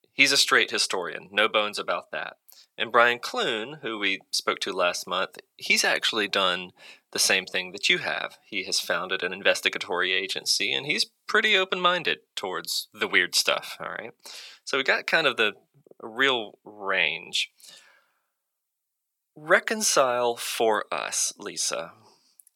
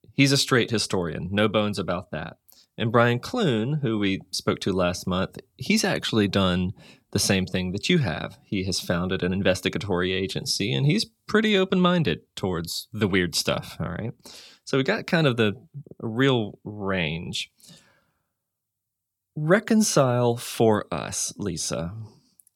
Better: second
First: thin; very; fading below 550 Hz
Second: none

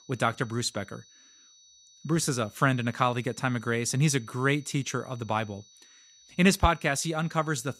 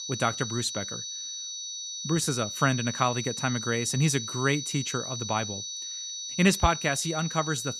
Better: first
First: high-pitched whine; faint; throughout; 6 kHz, 25 dB below the speech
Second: high-pitched whine; loud; throughout; 6 kHz, 6 dB below the speech

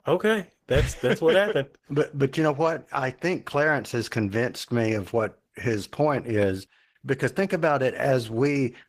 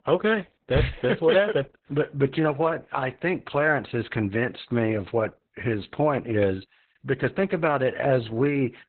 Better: first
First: garbled, watery; slightly; nothing above 15 kHz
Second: garbled, watery; badly; nothing above 4 kHz

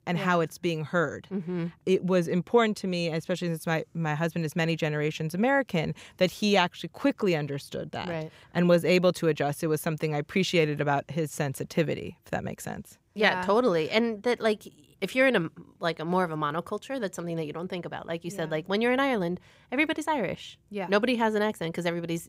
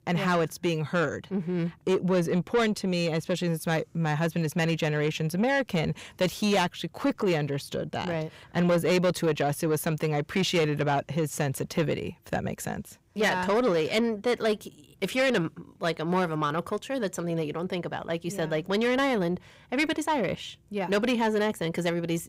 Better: first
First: none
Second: distortion; slight; 10 dB below the speech

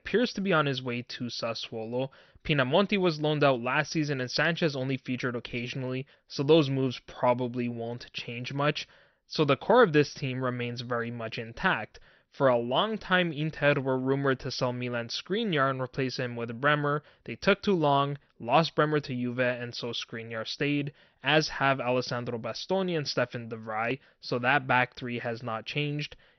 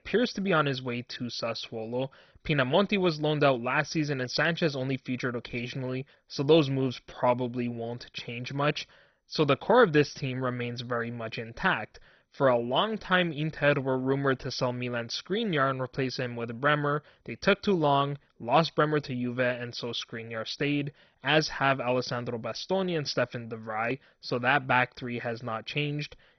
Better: first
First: garbled, watery; slightly; nothing above 6 kHz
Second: garbled, watery; badly; nothing above 6 kHz

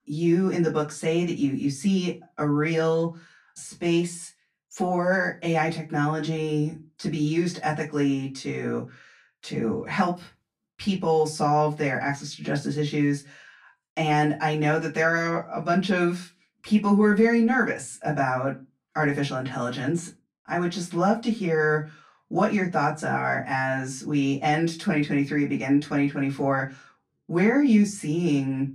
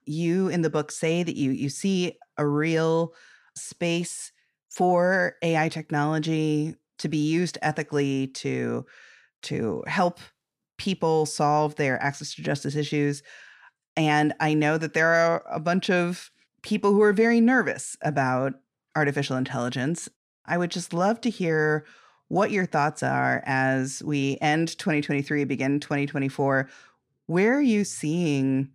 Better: second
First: off-mic speech; far // room echo; very slight; dies away in 0.2 s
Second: none

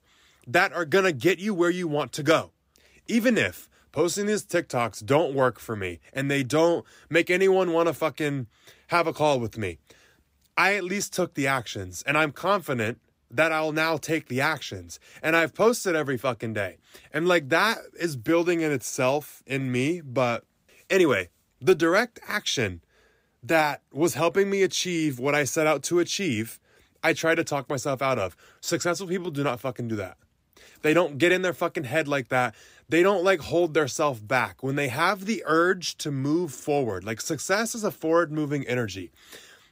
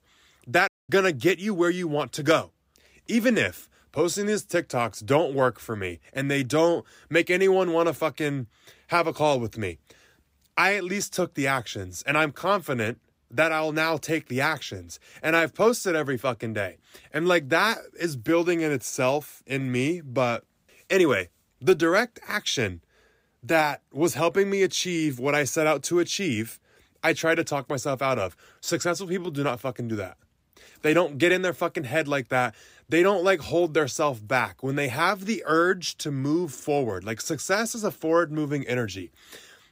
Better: first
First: none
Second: audio cutting out; at 0.5 s

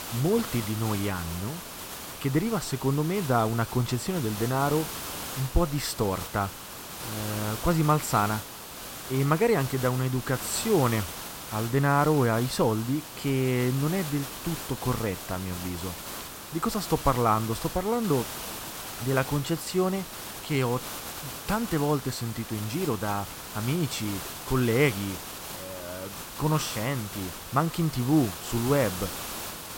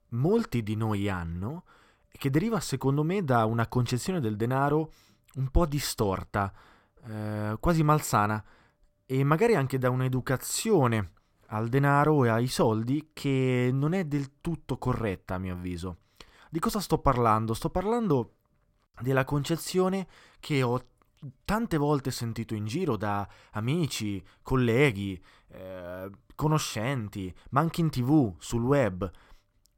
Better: second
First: hiss; loud; throughout; 9 dB below the speech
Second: none

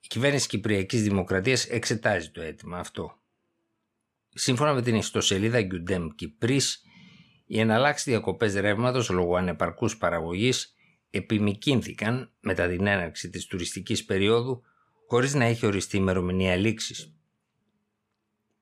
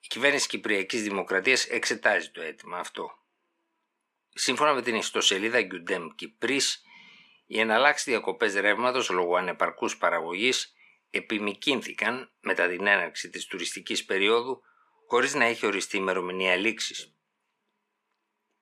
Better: first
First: none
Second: thin; somewhat; fading below 300 Hz

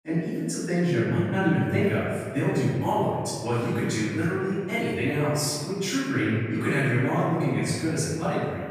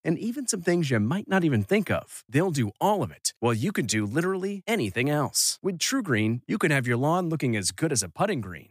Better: second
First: off-mic speech; far // room echo; strong; dies away in 1.9 s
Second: none

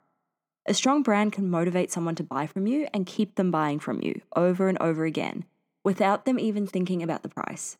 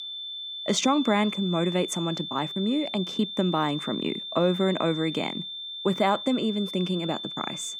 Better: first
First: none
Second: high-pitched whine; loud; throughout; 3.5 kHz, 7 dB below the speech

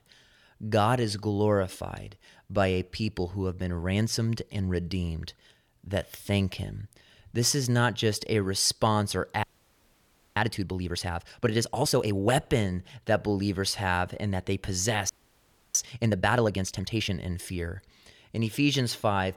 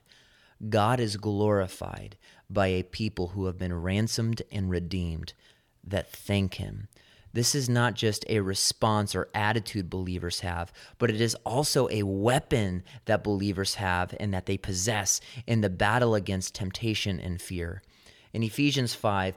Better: second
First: audio freezing; at 9.5 s for 1 s and at 15 s for 0.5 s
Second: none

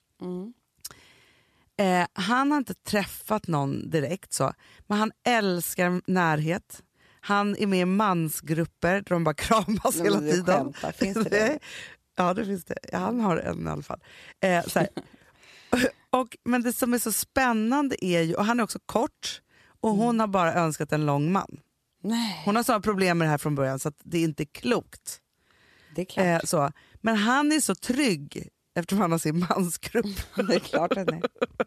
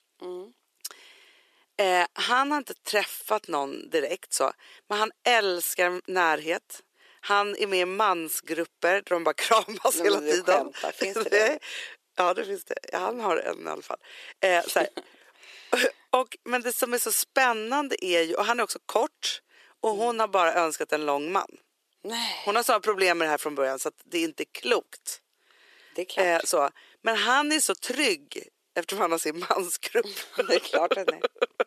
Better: first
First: none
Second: thin; very; fading below 400 Hz

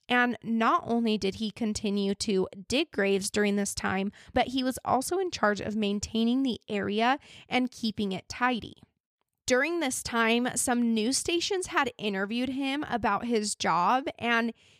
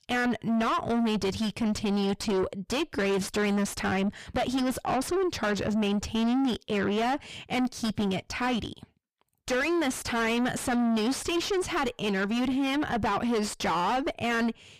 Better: first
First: none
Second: distortion; heavy; 4 dB below the speech

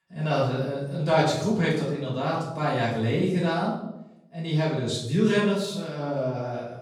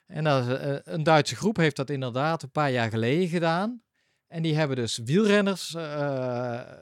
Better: second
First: off-mic speech; far // room echo; noticeable; dies away in 0.7 s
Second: none

